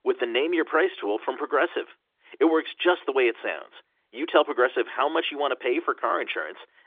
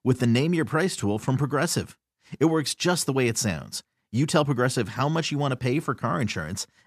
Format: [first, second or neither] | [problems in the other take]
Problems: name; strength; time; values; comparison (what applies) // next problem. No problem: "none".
second | phone-call audio; nothing above 3.5 kHz